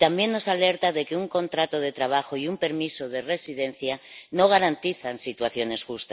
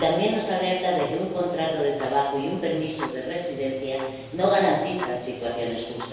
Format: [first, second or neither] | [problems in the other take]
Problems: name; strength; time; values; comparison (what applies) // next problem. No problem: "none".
first | background sound (Tick-tock); 16 dB below the speech // room echo; dies away in 1.2 s